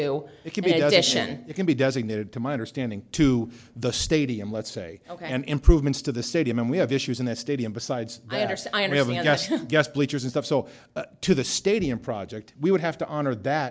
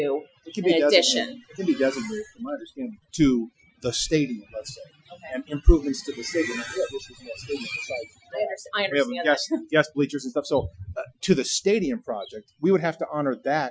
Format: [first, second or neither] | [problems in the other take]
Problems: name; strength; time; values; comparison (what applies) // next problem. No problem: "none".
first | noise reduction (classical method Wiener filter)